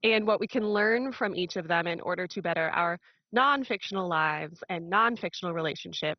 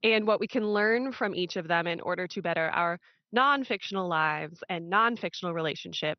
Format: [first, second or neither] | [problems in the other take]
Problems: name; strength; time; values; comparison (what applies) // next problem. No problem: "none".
second | garbled, watery; badly; nothing above 6 kHz; slightly in the second